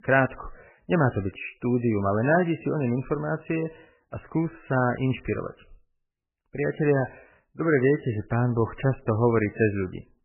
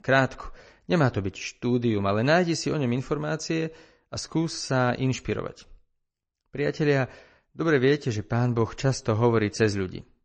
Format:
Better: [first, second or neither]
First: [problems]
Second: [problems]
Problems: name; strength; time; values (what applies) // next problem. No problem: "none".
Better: second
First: garbled, watery; badly; nothing above 3 kHz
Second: garbled, watery; slightly; nothing above 8 kHz